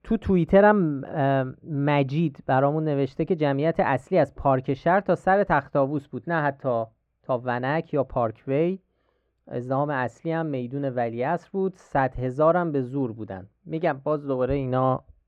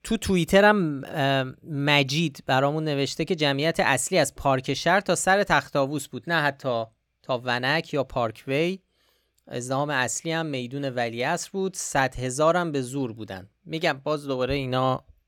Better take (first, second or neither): second